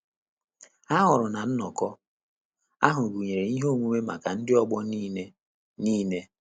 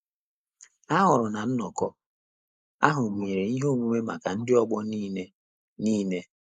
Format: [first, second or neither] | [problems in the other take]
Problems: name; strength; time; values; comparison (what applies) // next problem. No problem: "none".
first | noise reduction (neural mask model Resemble Enhance denoiser)